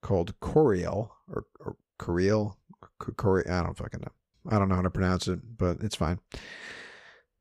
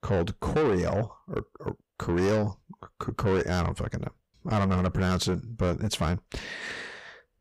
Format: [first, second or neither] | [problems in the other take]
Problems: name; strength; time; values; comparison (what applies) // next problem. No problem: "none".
first | distortion; heavy; 8 dB below the speech